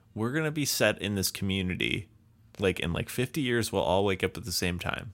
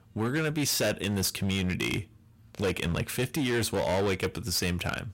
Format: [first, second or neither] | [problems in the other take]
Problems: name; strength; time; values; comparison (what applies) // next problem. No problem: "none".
first | distortion; heavy; 14% of the sound clipped